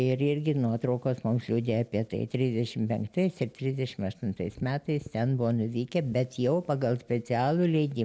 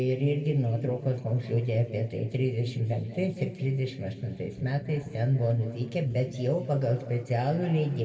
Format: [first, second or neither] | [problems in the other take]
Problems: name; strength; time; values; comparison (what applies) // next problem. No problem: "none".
first | room echo; dies away in 2.3 s